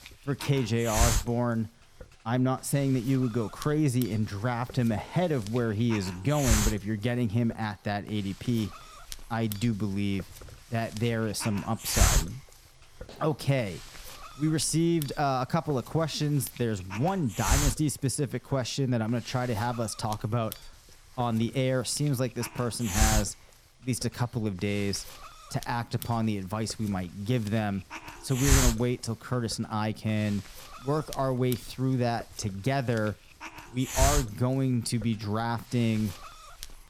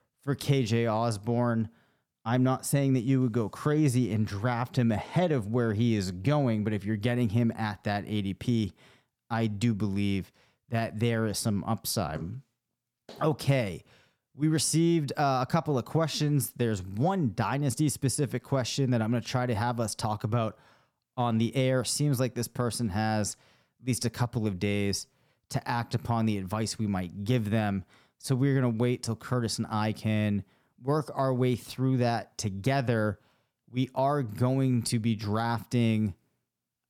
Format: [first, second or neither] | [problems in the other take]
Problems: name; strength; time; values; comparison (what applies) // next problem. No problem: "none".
second | hiss; loud; throughout; 4 dB below the speech